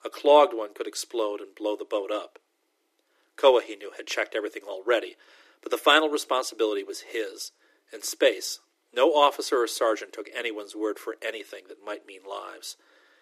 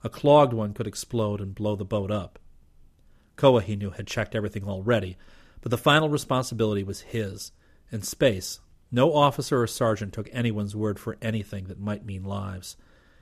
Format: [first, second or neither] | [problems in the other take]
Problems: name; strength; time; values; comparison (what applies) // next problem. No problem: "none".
second | thin; very; fading below 300 Hz